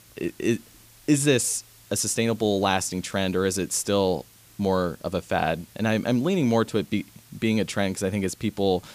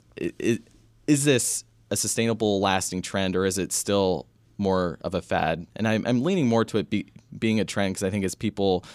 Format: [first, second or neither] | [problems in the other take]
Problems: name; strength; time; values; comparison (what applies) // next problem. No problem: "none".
second | hiss; faint; throughout; 25 dB below the speech